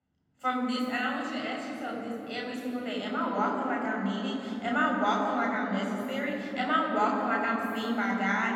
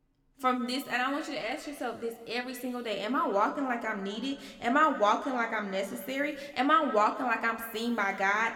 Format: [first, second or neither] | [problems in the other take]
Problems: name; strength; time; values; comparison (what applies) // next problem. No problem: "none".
second | room echo; strong; dies away in 3 s; slight in the second // off-mic speech; far